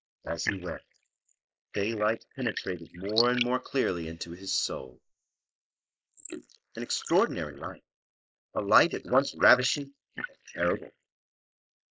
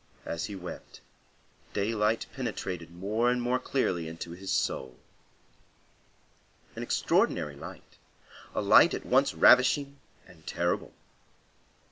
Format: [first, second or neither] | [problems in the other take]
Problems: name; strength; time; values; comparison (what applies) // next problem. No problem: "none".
second | noise reduction (neural mask model Resemble Enhance denoiser)